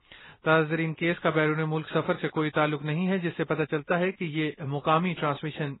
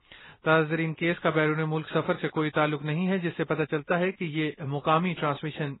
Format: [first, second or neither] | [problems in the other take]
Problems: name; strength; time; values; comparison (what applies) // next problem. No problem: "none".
neither | garbled, watery; badly; nothing above 4 kHz; the same in both